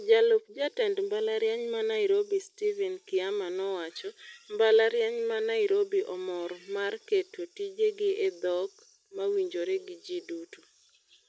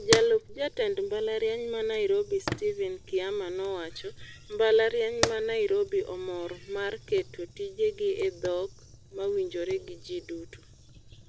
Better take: first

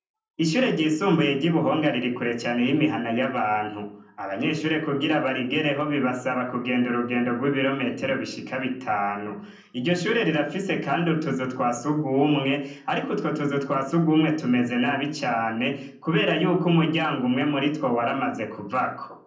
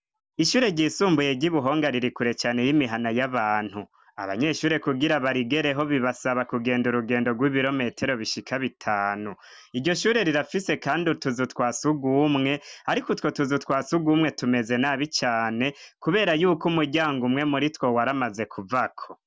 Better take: second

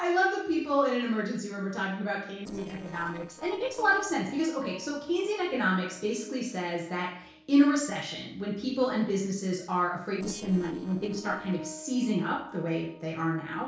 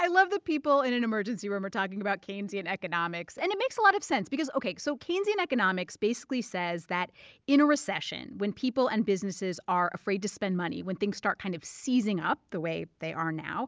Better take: second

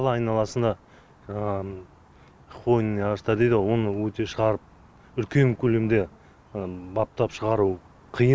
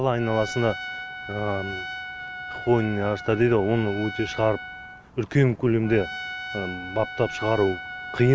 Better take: first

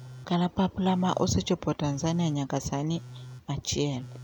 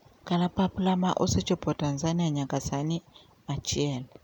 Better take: second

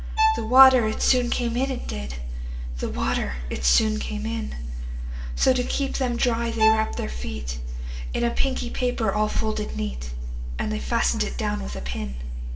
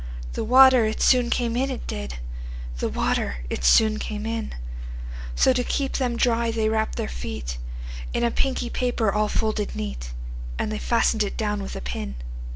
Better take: second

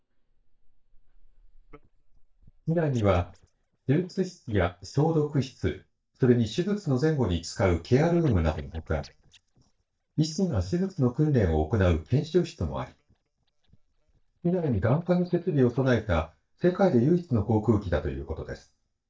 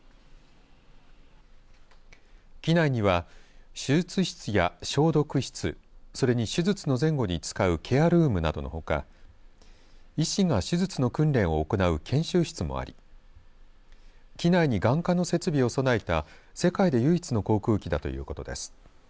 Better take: second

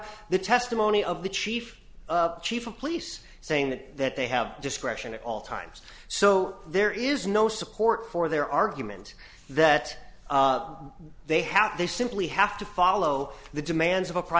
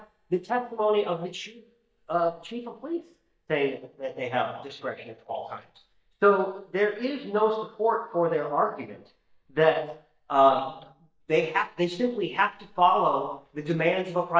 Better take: first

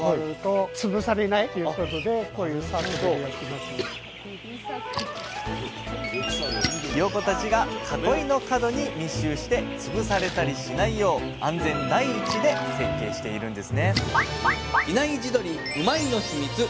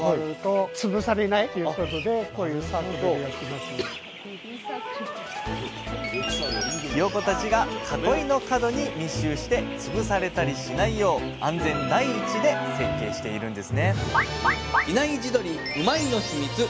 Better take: second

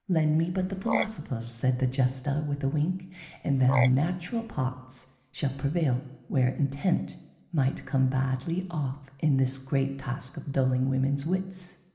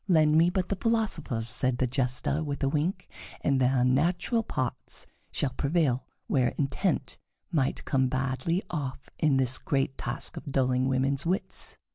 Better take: second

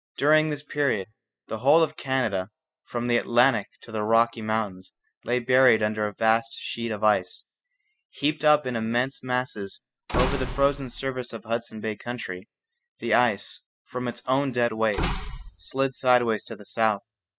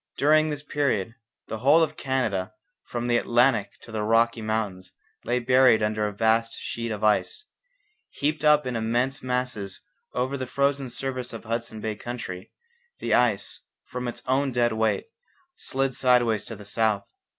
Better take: second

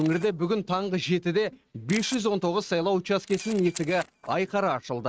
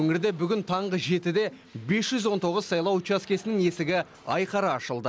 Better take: second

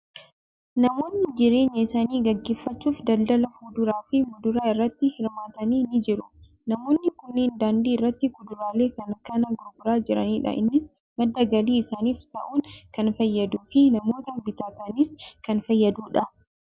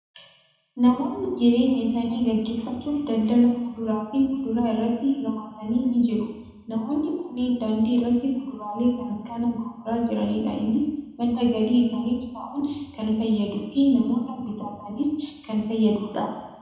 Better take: first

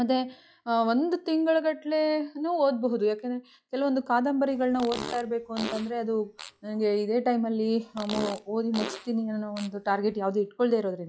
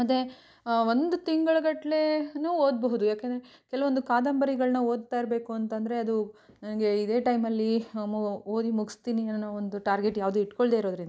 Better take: second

